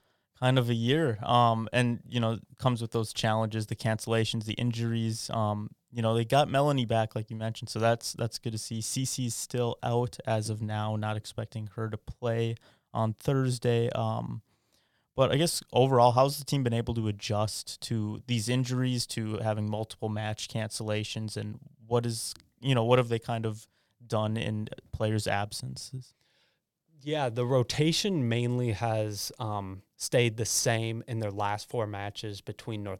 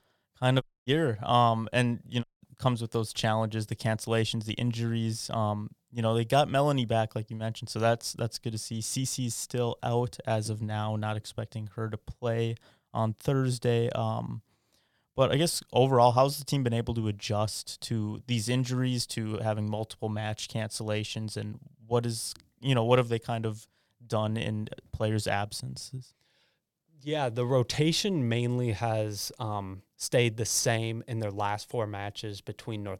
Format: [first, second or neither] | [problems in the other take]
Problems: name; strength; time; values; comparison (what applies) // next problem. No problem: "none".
first | audio cutting out; at 0.5 s and at 2 s